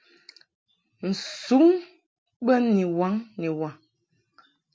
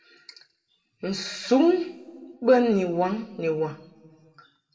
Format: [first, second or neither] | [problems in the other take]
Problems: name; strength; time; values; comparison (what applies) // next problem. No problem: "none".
first | room echo; dies away in 1.1 s